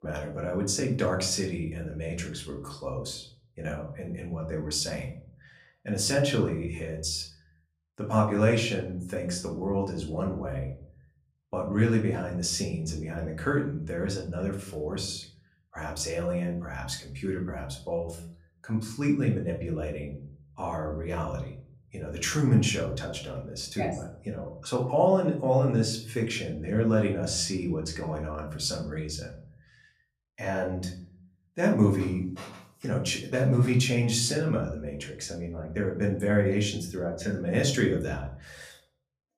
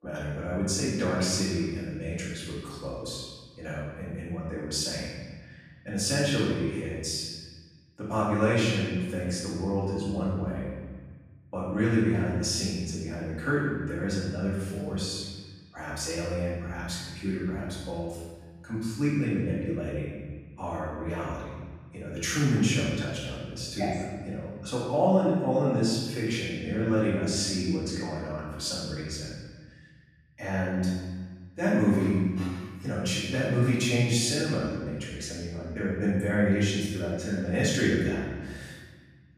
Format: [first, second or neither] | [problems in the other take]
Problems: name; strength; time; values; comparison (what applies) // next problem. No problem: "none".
first | room echo; strong; dies away in 1.4 s; slight in the first // off-mic speech; far; somewhat distant in the first